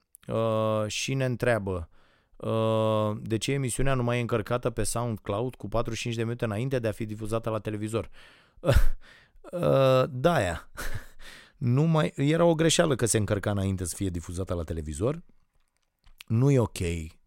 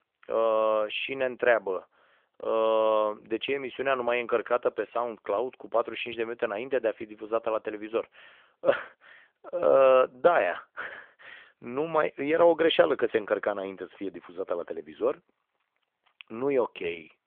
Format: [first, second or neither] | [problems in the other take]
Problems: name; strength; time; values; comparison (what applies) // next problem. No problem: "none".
first | phone-call audio; nothing above 3.5 kHz